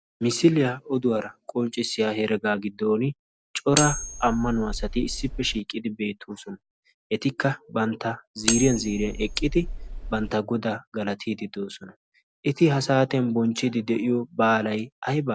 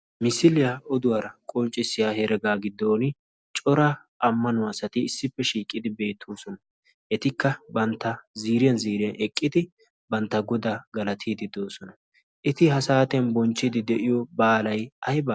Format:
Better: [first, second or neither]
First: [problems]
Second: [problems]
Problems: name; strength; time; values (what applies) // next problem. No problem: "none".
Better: second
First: background sound (Cutlery, silverware); 5 dB below the speech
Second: none